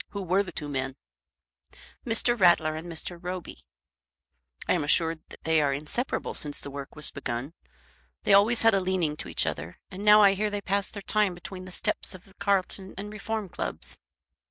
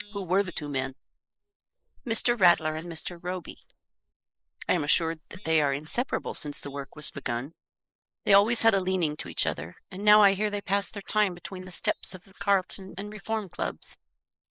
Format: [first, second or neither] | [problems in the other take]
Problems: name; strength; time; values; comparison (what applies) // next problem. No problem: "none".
first | noise reduction (neural mask model Resemble Enhance denoiser)